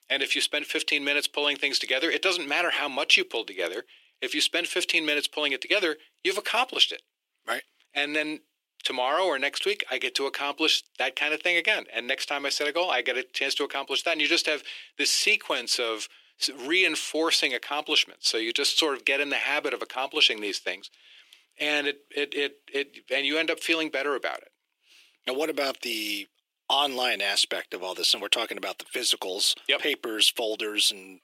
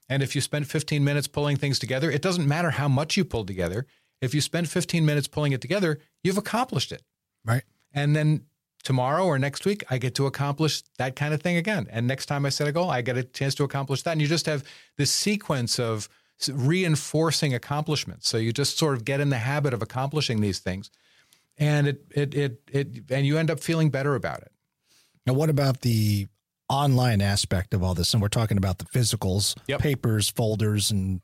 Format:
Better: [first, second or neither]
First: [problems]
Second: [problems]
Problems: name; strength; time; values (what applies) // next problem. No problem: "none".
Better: second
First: thin; very; fading below 300 Hz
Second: none